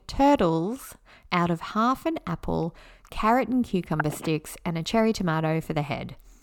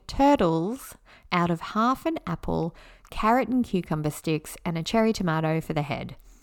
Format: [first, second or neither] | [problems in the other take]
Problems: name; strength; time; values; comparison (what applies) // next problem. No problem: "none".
second | phone ringing; noticeable; at 4 s; peak 7 dB below the speech